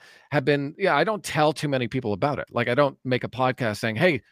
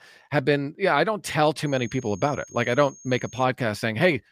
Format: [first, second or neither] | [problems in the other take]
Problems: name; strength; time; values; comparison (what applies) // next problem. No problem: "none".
first | high-pitched whine; faint; from 1.5 to 3.5 s; 6.5 kHz, 20 dB below the speech